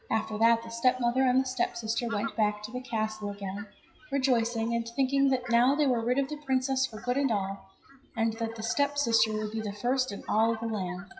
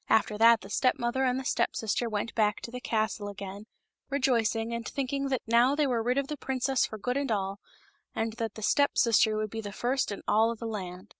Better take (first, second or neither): second